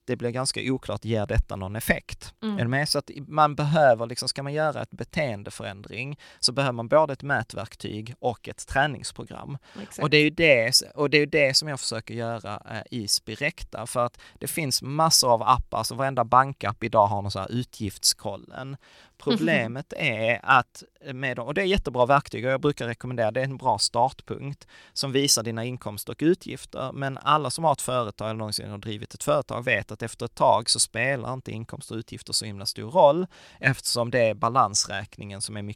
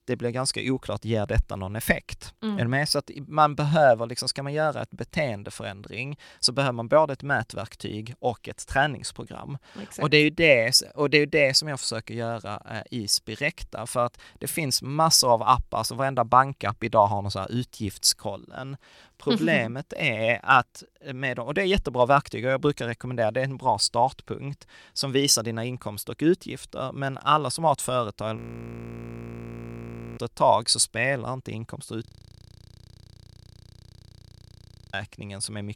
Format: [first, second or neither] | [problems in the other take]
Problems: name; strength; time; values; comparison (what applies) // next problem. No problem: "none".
first | audio freezing; at 28 s for 2 s and at 32 s for 3 s